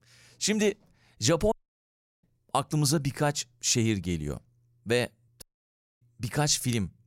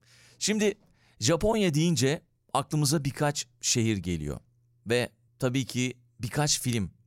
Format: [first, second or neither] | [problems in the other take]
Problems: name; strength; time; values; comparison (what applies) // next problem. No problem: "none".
second | audio cutting out; at 1.5 s for 0.5 s and at 5.5 s for 0.5 s